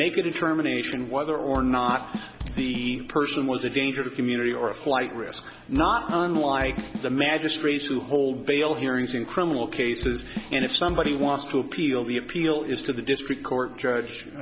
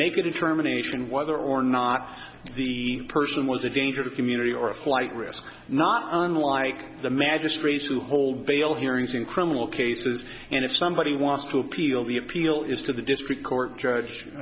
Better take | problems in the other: second | background sound (Drum kit); 10 dB below the speech

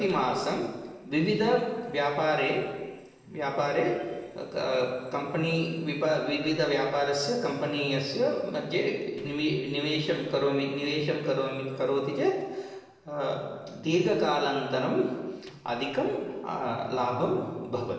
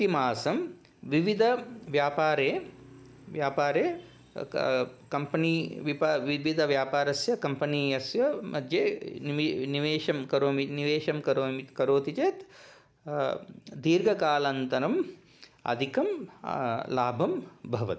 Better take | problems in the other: second | noise reduction (neural separator model SepFormer DNS4)

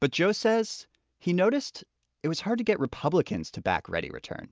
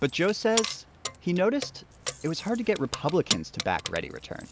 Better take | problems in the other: first | background sound (Keys jangling); 8 dB below the speech

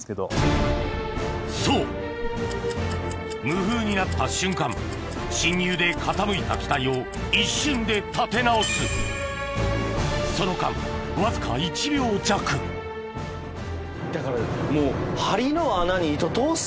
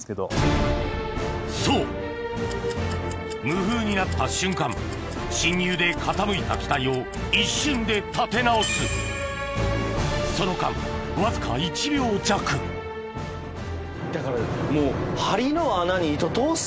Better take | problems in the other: second | background sound (Whoosh, swoosh, swish); 10 dB below the speech

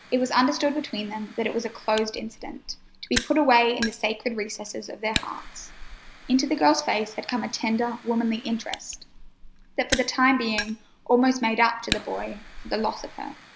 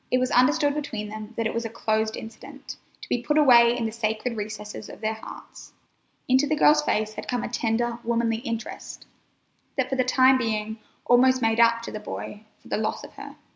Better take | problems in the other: second | background sound (Fire); 12 dB below the speech

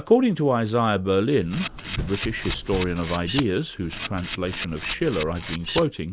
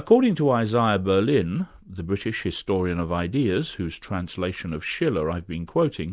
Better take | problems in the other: second | background sound (Knock + Camera); 8 dB below the speech

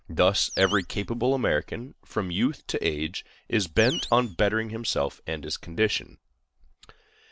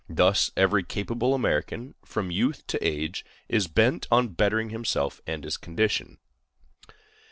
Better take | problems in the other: second | noise reduction (neural mask model Resemble Enhance denoiser)

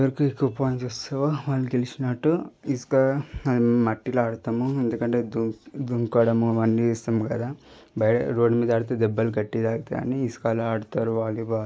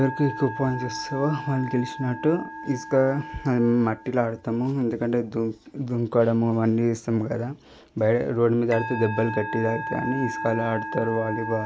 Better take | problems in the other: first | background sound (Musical instrument); 11 dB below the speech

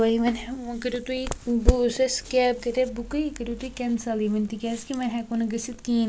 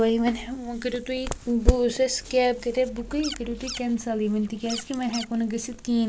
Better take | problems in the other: first | background sound (Scratching (performance technique)); 13 dB below the speech

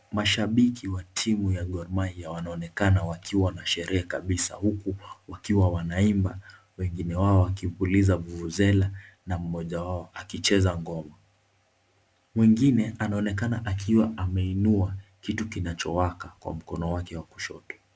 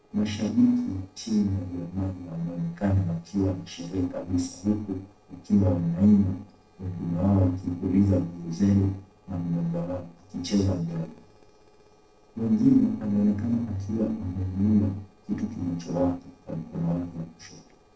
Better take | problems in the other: first | noise reduction (neural separator model SepFormer DNS4)

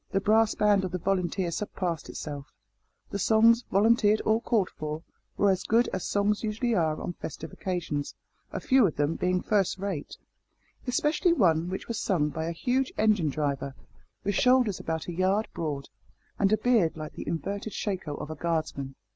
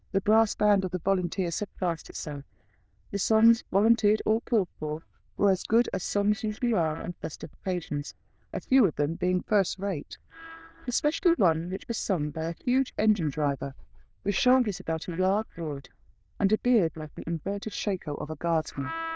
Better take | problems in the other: first | noise reduction (neural diffusion model UNIVERSE++)

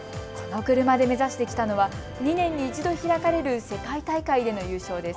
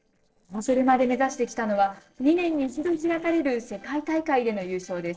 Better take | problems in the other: first | noise reduction (neural separator model SepFormer DNS4)

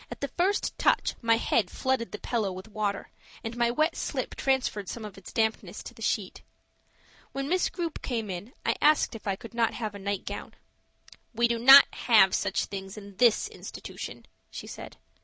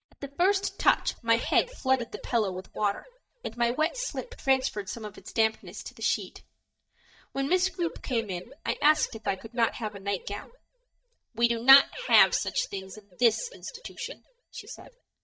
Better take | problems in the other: first | noise reduction (neural mask model DeepFilterNet 3)

